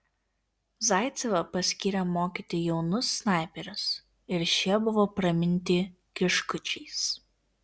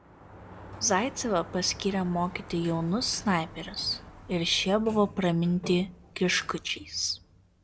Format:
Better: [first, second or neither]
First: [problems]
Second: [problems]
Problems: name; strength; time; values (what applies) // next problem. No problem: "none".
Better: first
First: none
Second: background sound (Sliding door); 17 dB below the speech